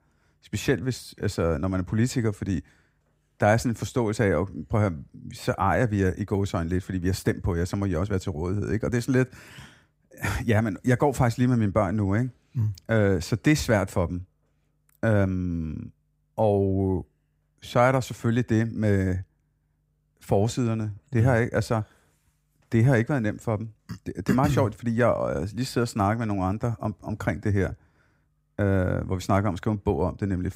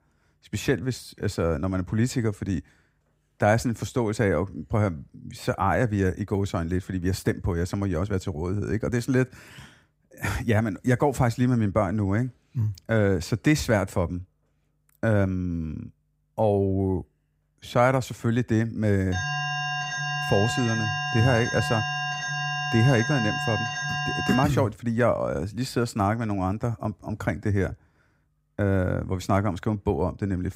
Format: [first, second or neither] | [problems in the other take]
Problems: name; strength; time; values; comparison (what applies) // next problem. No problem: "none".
first | alarm; noticeable; from 19 to 24 s; peak 1 dB below the speech